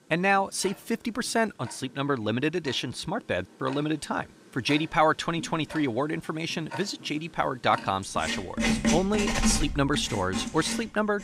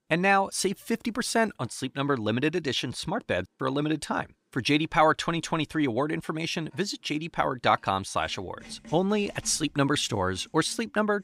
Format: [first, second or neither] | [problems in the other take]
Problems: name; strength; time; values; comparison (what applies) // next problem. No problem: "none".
second | household noises; loud; throughout; 4 dB below the speech; faint in the second